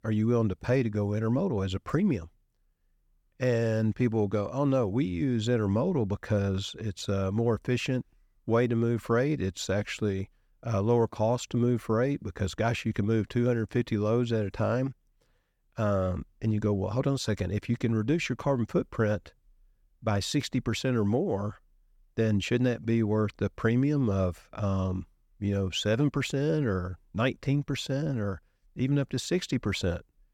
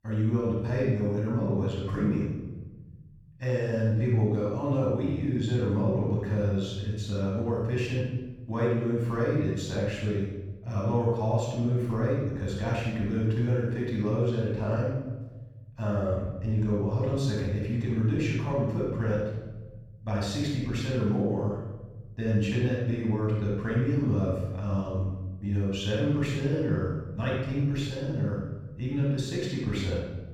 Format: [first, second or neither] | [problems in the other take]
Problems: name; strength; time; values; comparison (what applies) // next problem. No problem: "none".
first | off-mic speech; far // room echo; strong; dies away in 1.3 s